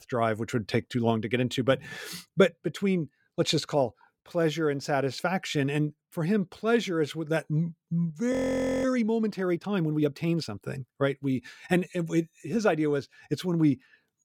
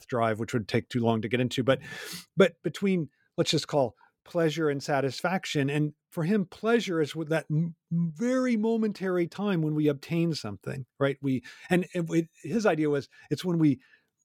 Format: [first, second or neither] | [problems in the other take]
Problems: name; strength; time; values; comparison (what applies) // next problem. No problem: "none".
second | audio freezing; at 8.5 s for 0.5 s